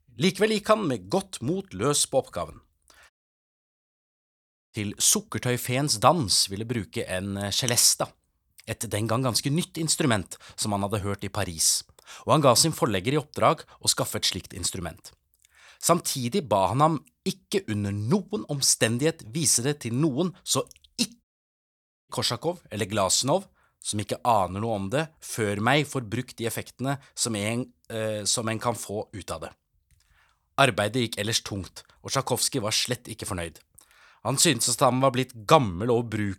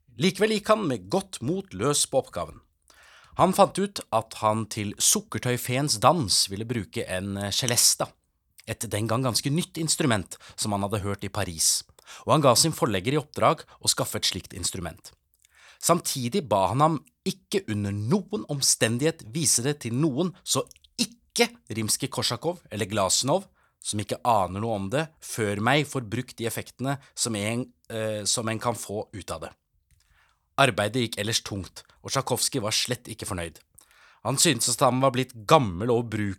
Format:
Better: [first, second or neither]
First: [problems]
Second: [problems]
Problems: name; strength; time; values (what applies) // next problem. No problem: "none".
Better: second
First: audio cutting out; at 3 s for 1.5 s and at 21 s for 1 s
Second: none